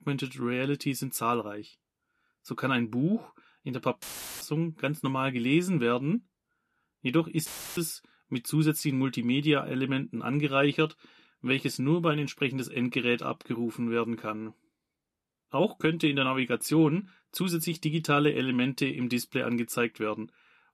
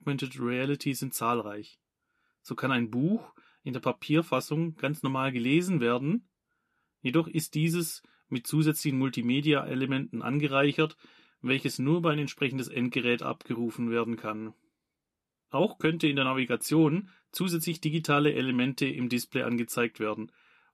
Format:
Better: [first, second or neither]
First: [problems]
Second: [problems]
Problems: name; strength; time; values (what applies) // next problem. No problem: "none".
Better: second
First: audio cutting out; filled with static; at 4 s and at 7.5 s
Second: none